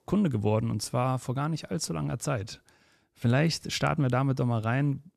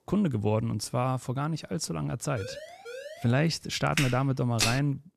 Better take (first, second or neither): first